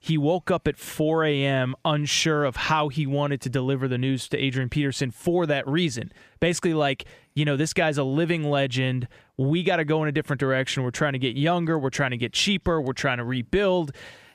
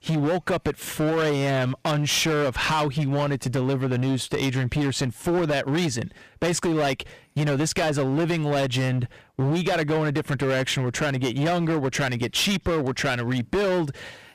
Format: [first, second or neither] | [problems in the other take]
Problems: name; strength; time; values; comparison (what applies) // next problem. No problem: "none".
first | distortion; heavy; 21% of the sound clipped